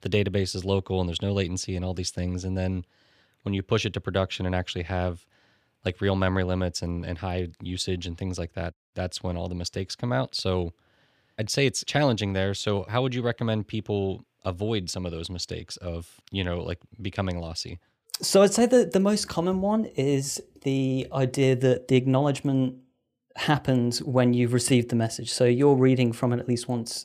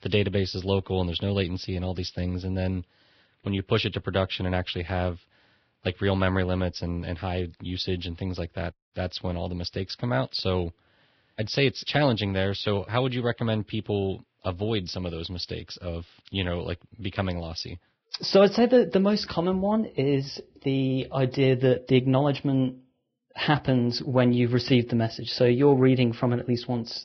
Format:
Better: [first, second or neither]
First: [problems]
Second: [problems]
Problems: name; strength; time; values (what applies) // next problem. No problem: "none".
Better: first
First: none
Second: garbled, watery; badly; nothing above 5.5 kHz